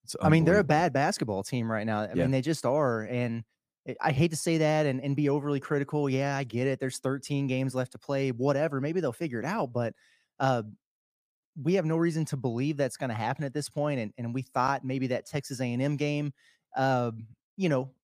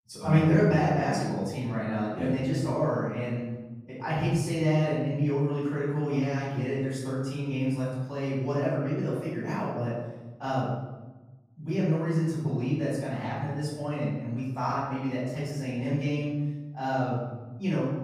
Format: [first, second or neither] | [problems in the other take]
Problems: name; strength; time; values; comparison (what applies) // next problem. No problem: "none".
first | off-mic speech; far // room echo; strong; dies away in 1.2 s